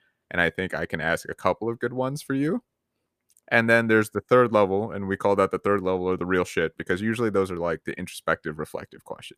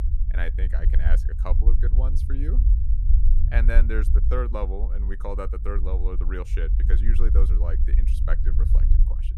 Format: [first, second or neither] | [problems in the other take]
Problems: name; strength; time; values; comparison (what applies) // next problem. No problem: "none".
first | low rumble; loud; throughout; 9 dB below the speech